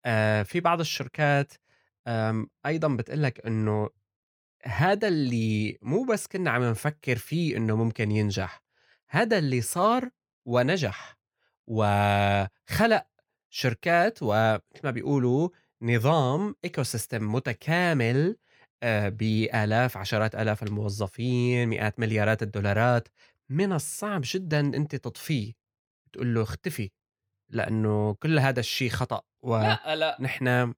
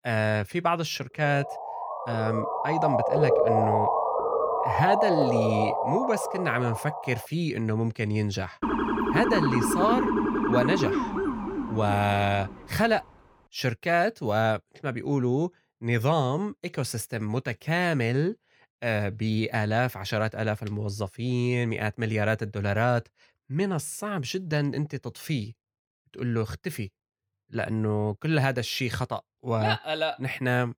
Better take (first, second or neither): first